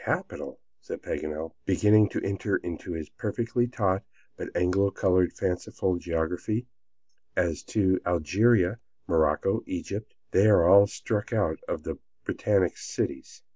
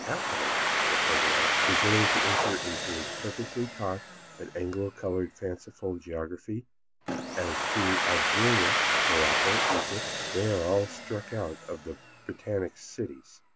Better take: first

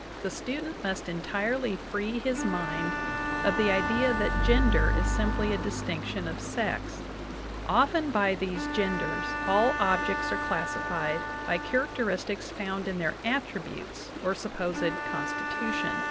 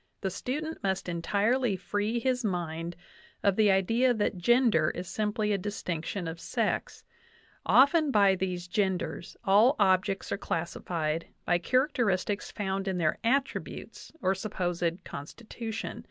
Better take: second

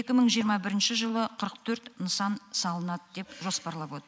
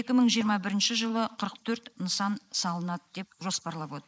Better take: first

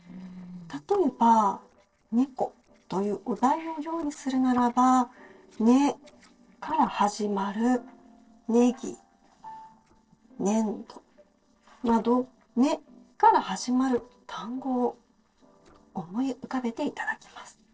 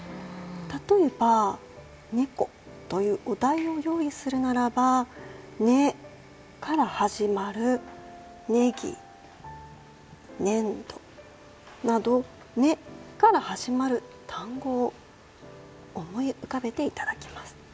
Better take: second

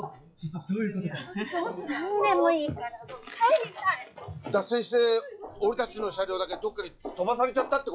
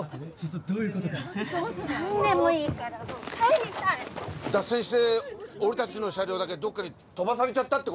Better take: second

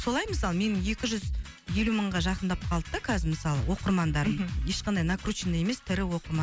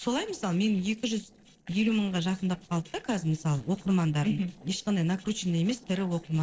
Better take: first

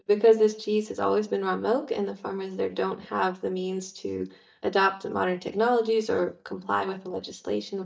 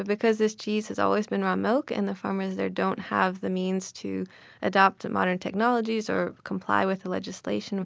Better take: second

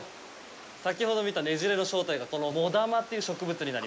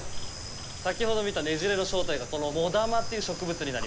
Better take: first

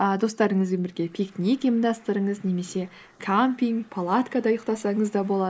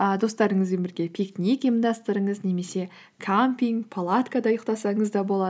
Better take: second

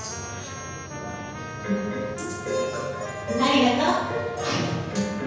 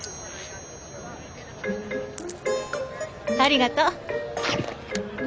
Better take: second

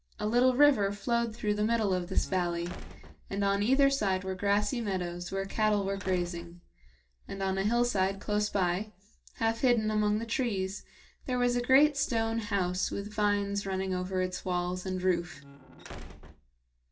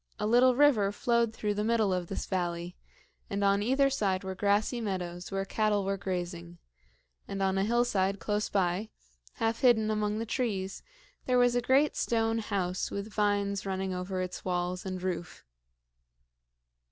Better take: second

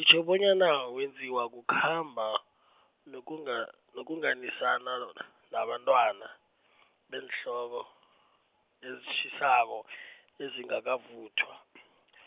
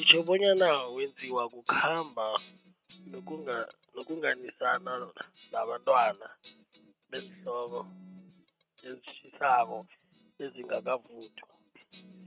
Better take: first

